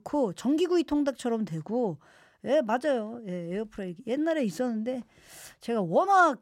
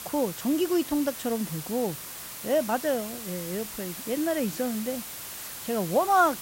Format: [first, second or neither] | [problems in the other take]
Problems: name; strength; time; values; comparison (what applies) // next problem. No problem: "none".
first | hiss; loud; throughout; 8 dB below the speech